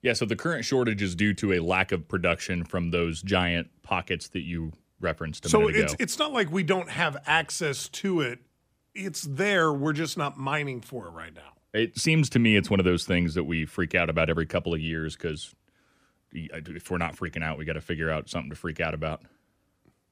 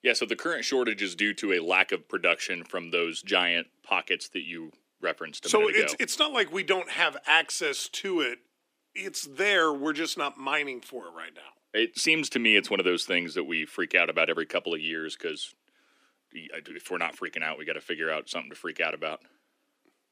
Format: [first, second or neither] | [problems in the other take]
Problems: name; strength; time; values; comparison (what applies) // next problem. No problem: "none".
first | thin; somewhat; fading below 300 Hz